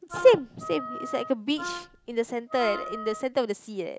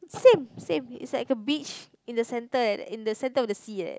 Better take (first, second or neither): second